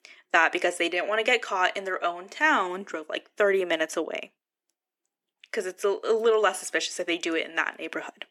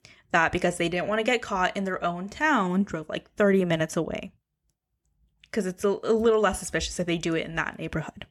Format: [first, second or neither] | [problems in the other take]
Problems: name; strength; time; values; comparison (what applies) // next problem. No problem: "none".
second | thin; very; fading below 300 Hz